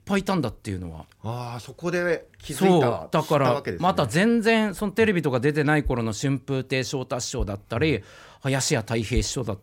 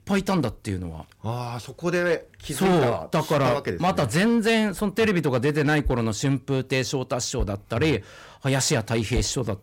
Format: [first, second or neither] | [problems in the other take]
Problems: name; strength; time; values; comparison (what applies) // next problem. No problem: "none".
first | distortion; slight; 7% of the sound clipped